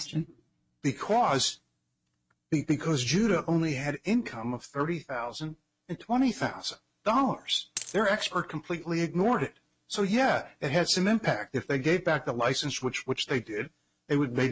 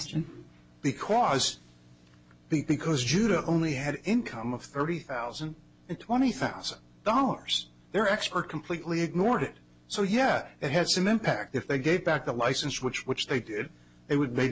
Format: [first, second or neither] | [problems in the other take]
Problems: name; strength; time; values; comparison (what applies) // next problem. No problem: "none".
second | noise reduction (neural mask model RNNoise)